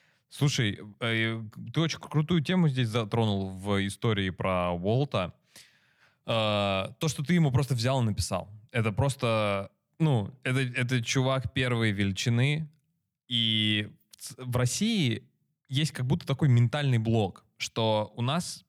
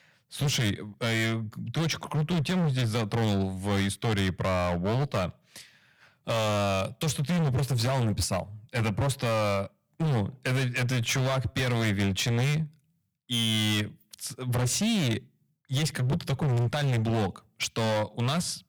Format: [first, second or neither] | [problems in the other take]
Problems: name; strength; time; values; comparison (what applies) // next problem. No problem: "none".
first | distortion; heavy; 23% of the sound clipped